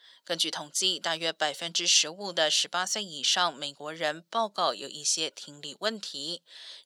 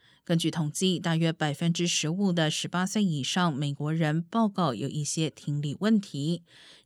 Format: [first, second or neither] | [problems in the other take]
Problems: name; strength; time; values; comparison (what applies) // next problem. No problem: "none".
second | thin; very; fading below 650 Hz